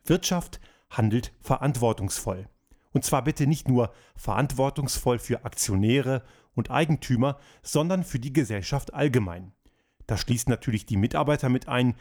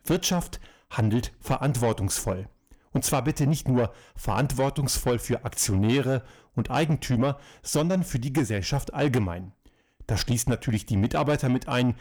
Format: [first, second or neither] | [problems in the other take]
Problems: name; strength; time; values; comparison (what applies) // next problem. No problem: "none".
first | distortion; slight; 10 dB below the speech